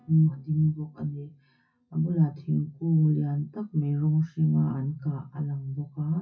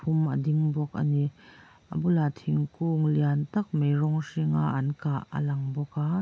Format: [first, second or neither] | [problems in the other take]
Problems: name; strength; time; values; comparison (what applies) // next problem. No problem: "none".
second | noise reduction (classical method WPE with log-MMSE)